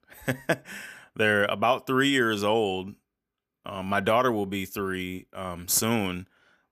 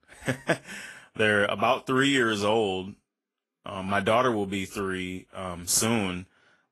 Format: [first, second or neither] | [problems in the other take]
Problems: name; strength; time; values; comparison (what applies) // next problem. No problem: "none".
first | garbled, watery; slightly; nothing above 12 kHz